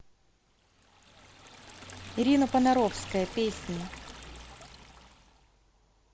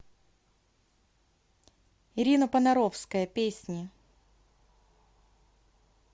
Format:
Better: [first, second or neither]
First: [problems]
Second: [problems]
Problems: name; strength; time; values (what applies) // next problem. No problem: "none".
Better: second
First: background sound (Liquid); 14 dB below the speech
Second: none